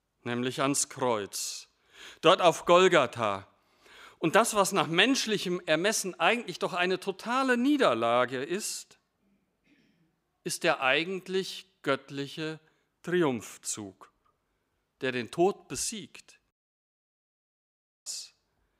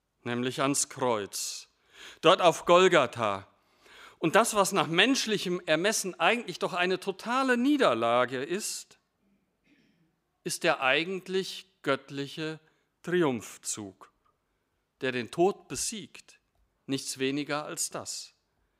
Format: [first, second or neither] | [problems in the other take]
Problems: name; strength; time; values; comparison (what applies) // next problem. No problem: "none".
second | audio cutting out; at 17 s for 1.5 s